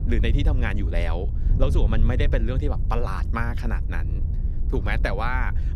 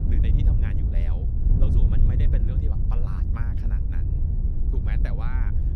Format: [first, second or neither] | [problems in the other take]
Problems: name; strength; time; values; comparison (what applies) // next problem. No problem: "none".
first | wind noise on the microphone; heavy; 3 dB above the speech; occasional gusts in the first